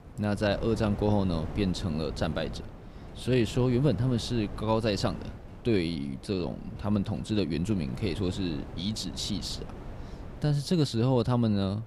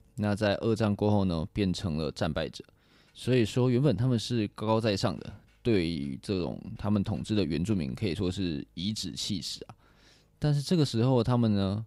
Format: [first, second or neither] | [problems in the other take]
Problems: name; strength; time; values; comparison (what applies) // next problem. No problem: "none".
second | wind noise on the microphone; occasional gusts; 15 dB below the speech